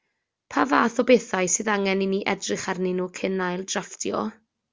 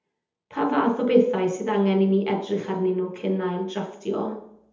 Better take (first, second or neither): first